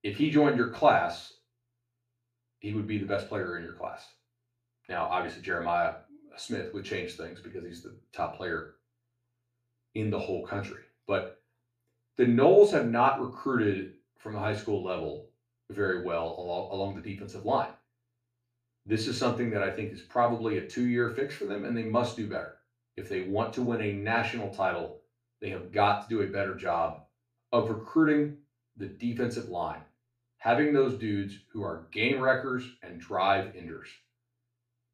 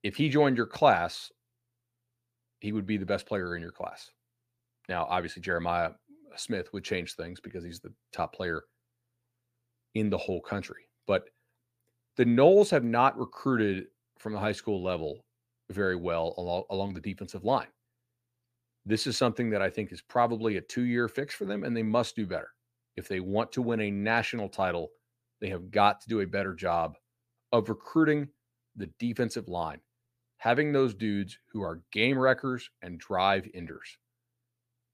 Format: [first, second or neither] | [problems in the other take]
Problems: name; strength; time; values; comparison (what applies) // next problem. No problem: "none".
second | room echo; slight; dies away in 0.4 s // off-mic speech; far